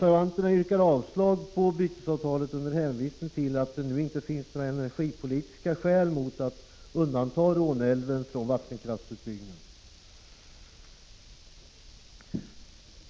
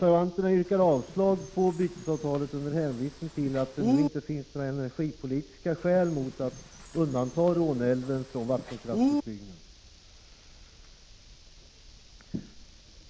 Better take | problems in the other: first | background sound (Bird); 5 dB below the speech

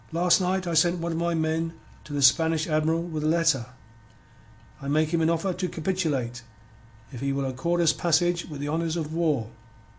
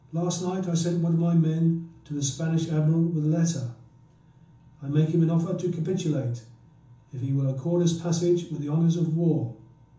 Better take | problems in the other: first | room echo; dies away in 0.7 s

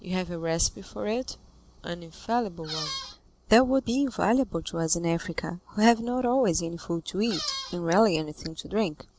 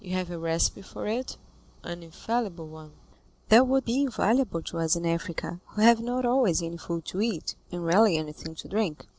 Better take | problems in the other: second | background sound (Squeak); 8 dB below the speech

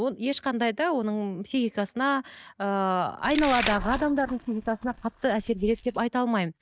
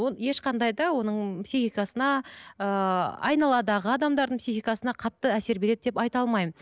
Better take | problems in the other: second | noise reduction (neural mask model DeepFilterNet 3)

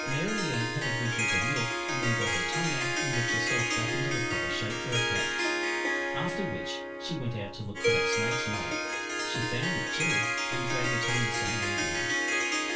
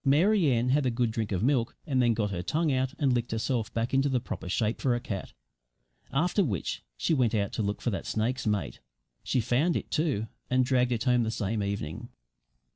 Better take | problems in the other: second | background sound (Harp); 5 dB above the speech // room echo; dies away in 0.2 s

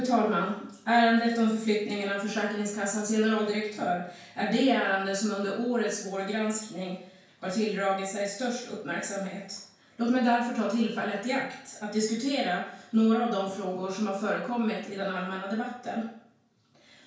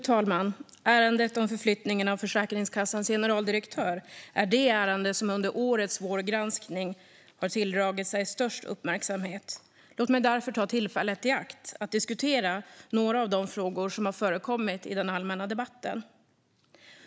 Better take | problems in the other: second | room echo; dies away in 0.5 s

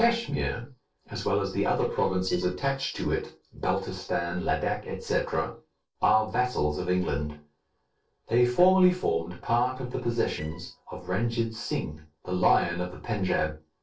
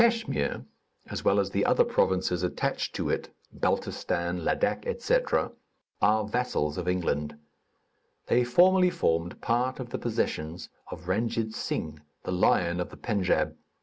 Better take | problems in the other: second | noise reduction (neural separator model SepFormer DNS4)

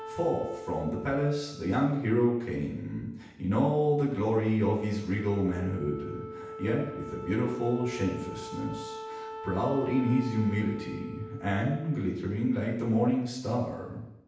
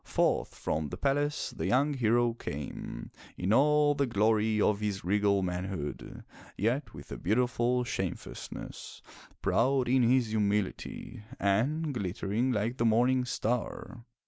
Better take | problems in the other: second | background sound (Wind instrument, woodwind instrument); 14 dB below the speech // room echo; dies away in 0.9 s

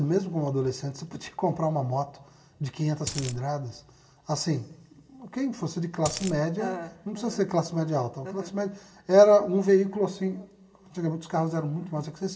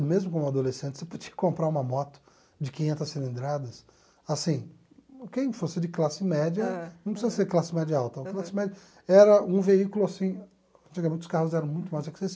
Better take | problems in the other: second | background sound (Coin (dropping)); 8 dB below the speech // room echo; dies away in 0.7 s

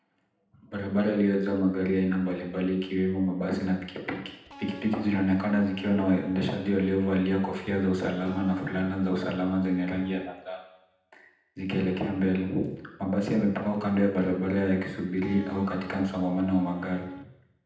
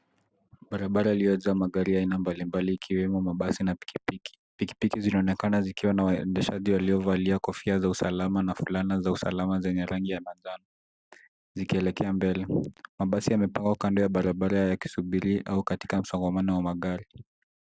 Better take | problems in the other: second | background sound (Electric guitar); 13 dB below the speech // room echo; dies away in 0.8 s

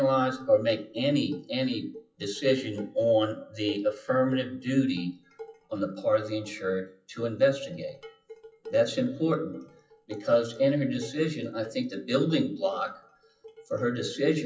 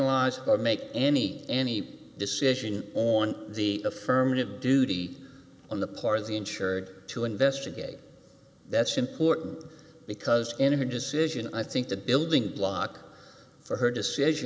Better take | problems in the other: second | noise reduction (classical method WPE with log-MMSE)

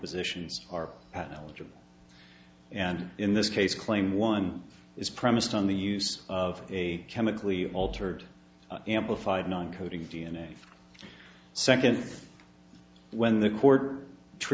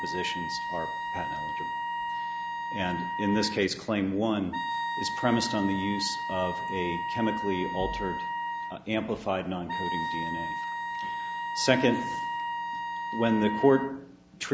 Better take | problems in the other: first | background sound (Wind instrument, woodwind instrument); 3 dB below the speech

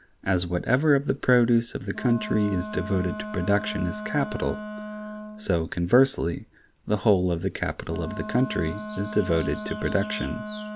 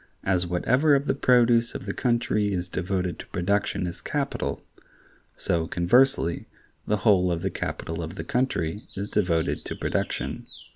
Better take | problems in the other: second | background sound (Wind instrument, woodwind instrument); 11 dB below the speech

